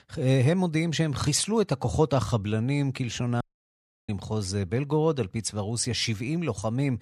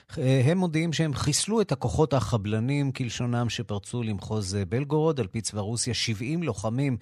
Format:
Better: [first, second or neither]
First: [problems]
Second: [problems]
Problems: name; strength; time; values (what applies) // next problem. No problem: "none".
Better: second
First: audio cutting out; at 3.5 s for 0.5 s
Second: none